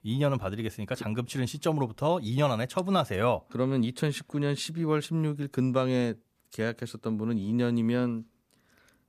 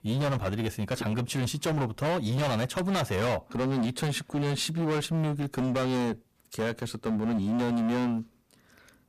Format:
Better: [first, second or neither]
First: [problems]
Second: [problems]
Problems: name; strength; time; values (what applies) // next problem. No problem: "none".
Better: first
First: none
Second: distortion; heavy; 26% of the sound clipped